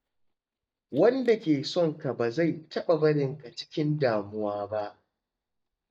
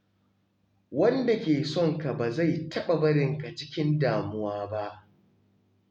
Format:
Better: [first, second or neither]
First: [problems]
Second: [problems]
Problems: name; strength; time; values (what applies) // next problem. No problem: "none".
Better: second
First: noise reduction (neural mask model DeepFilterNet 3)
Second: none